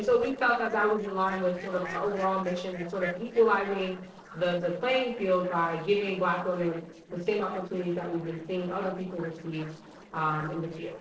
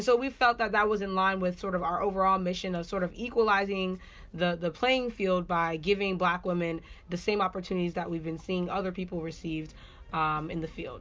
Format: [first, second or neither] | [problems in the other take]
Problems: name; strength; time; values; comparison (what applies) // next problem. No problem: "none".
second | noise reduction (neural separator model SepFormer DNS4)